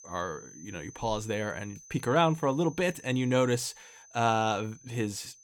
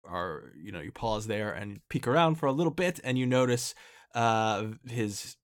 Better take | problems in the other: second | high-pitched whine; faint; throughout; 6 kHz, 20 dB below the speech

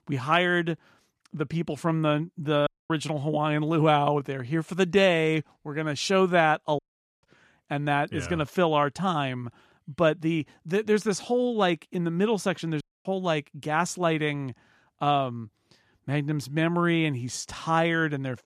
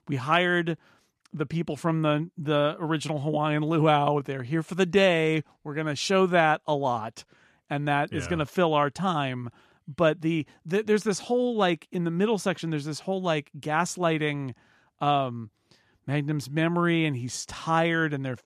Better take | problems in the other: second | audio cutting out; at 2.5 s, at 7 s and at 13 s

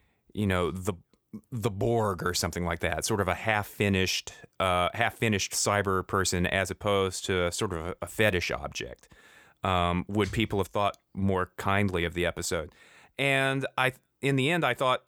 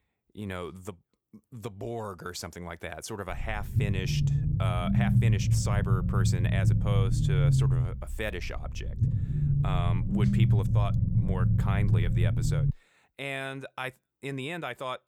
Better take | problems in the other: first | low rumble; loud; from 3.5 to 13 s; 2 dB below the speech

